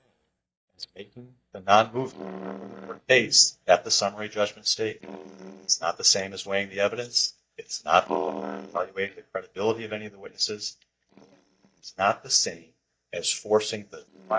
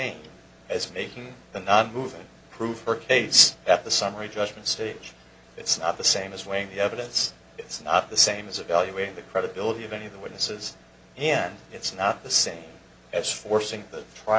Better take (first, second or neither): second